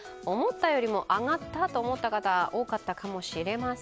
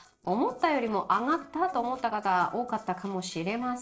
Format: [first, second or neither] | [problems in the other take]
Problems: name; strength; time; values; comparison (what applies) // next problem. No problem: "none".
first | noise reduction (neural separator model SepFormer DNS4)